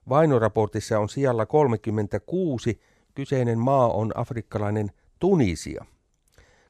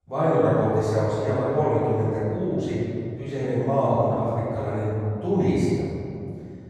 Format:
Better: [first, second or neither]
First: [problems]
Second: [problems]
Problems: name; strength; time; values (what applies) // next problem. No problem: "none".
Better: first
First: none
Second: off-mic speech; far // room echo; strong; dies away in 2.5 s